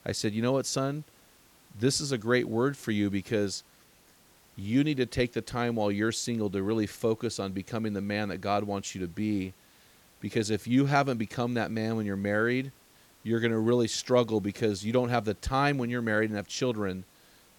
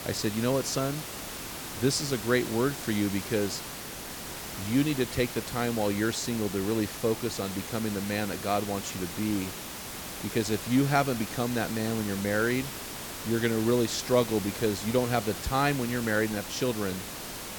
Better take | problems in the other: first | hiss; loud; throughout; 8 dB below the speech; faint in the first

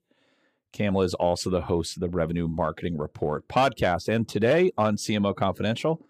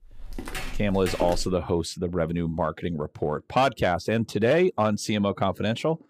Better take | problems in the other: first | footsteps; noticeable; until 1.5 s; peak 7 dB below the speech

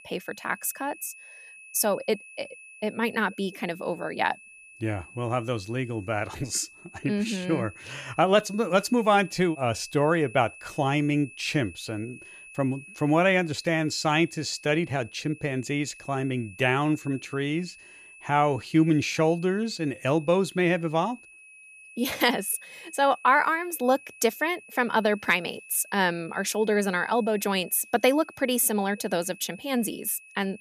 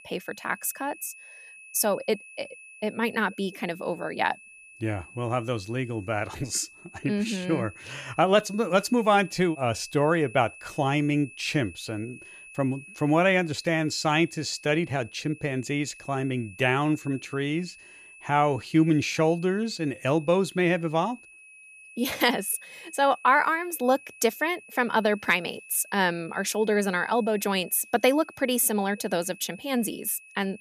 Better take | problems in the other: neither | high-pitched whine; noticeable; throughout; 2.5 kHz, 20 dB below the speech; the same in both

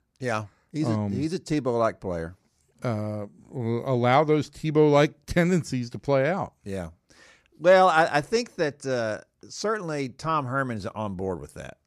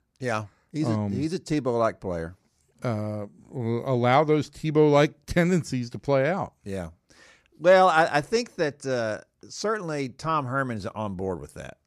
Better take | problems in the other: neither | none

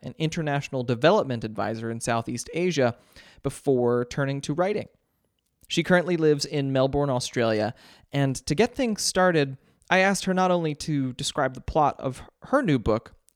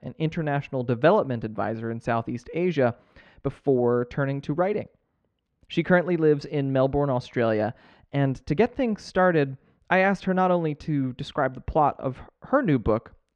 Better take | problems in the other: first | muffled; very; fading above 2 kHz

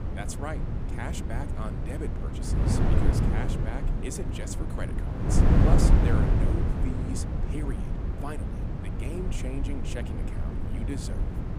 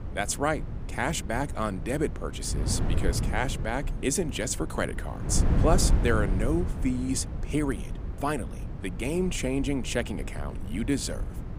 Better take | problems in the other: second | wind noise on the microphone; heavy; 3 dB above the speech; occasional gusts in the second

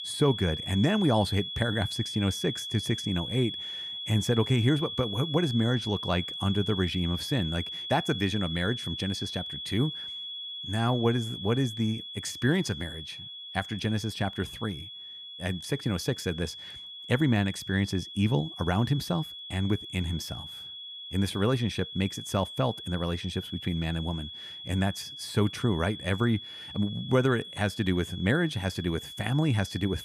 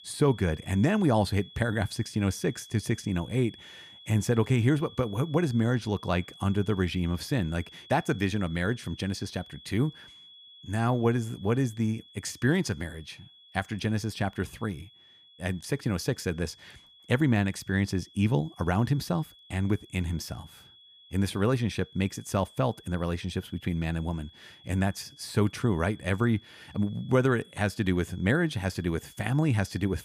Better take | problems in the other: second | high-pitched whine; loud; throughout; 3.5 kHz, 8 dB below the speech; faint in the second

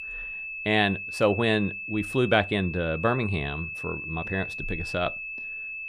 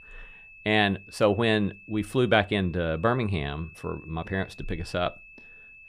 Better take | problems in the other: second | high-pitched whine; loud; throughout; 2.5 kHz, 6 dB below the speech; faint in the second

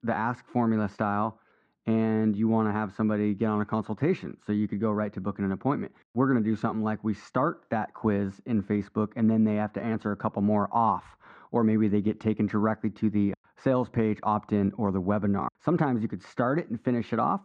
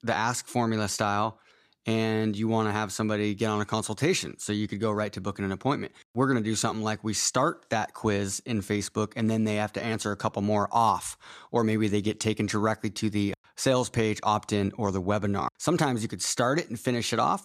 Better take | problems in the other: second | muffled; very; fading above 1.5 kHz

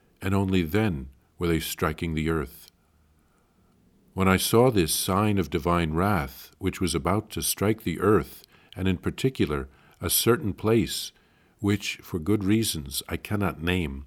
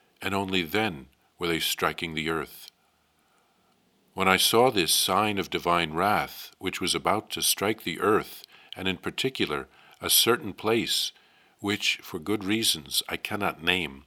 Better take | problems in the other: first | thin; somewhat; fading below 850 Hz

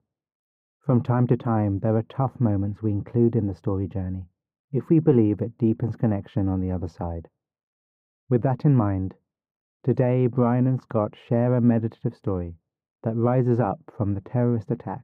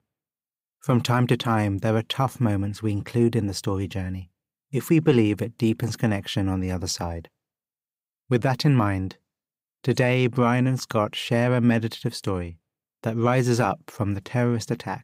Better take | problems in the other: second | muffled; very; fading above 2 kHz

